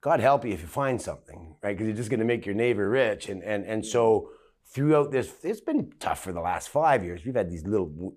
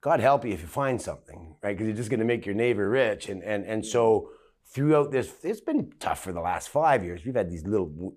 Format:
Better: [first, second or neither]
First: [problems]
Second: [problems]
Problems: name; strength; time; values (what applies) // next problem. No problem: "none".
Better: neither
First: none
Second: none